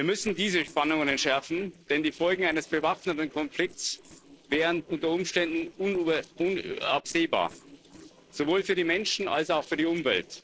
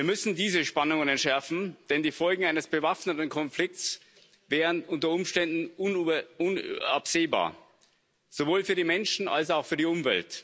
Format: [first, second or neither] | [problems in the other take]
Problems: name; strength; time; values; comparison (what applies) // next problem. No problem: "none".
second | noise reduction (neural separator model SepFormer DNS4)